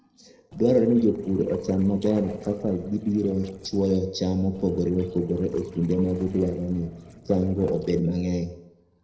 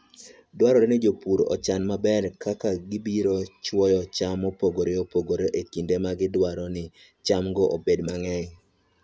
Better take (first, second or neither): second